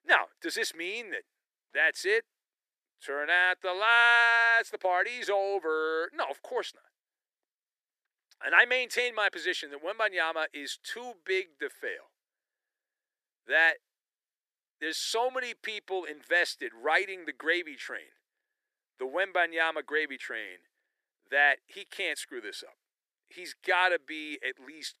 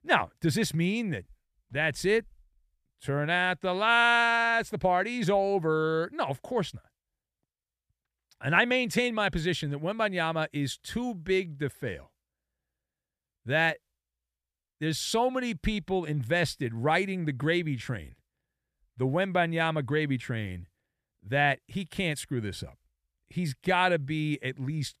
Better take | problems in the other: second | thin; very; fading below 350 Hz

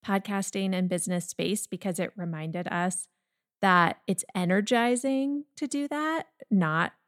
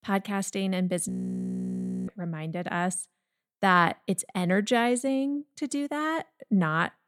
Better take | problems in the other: first | audio freezing; at 1 s for 1 s

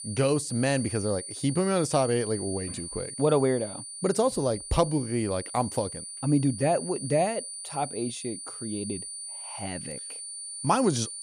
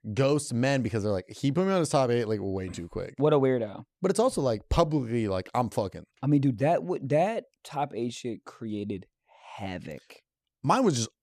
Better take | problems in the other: second | high-pitched whine; loud; throughout; 9.5 kHz, 8 dB below the speech

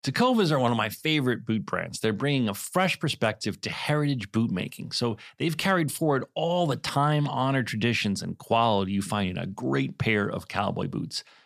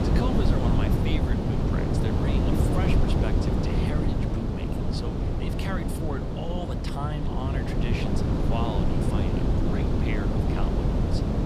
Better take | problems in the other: first | wind noise on the microphone; heavy; 4 dB above the speech

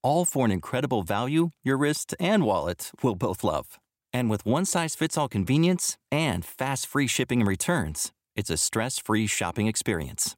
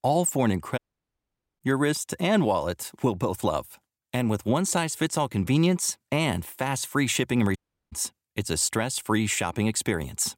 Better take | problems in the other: first | audio cutting out; at 1 s for 1 s and at 7.5 s

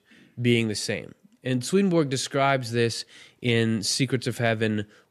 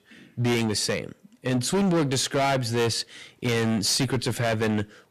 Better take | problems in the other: first | distortion; heavy; 16% of the sound clipped

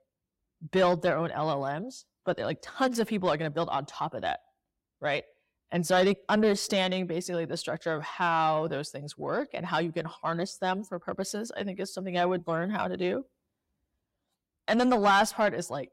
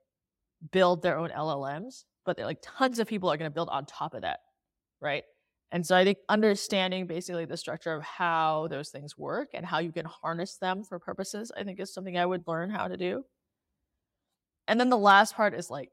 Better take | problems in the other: second | distortion; slight; 10 dB below the speech

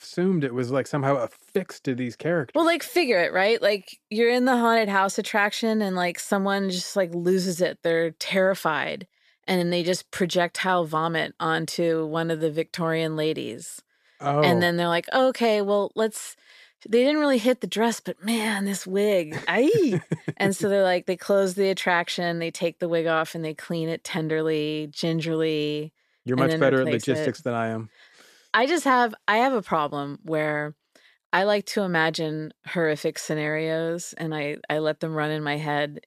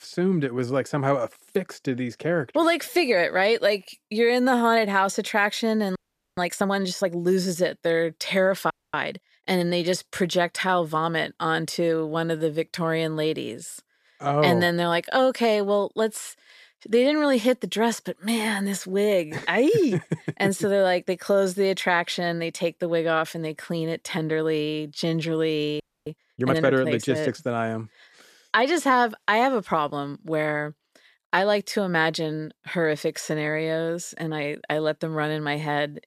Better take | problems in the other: first | audio freezing; at 6 s, at 8.5 s and at 26 s

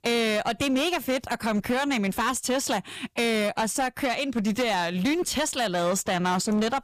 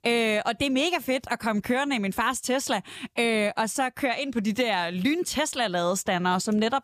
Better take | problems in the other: second | distortion; slight; 17% of the sound clipped

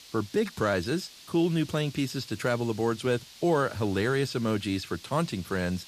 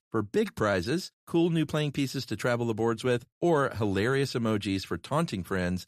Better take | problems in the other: second | hiss; noticeable; throughout; 20 dB below the speech

